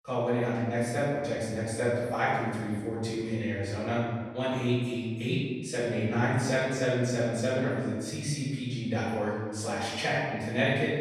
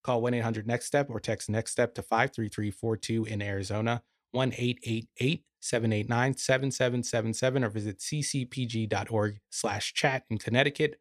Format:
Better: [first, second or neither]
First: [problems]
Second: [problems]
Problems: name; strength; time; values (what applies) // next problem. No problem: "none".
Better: second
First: off-mic speech; far // room echo; strong; dies away in 1.4 s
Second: none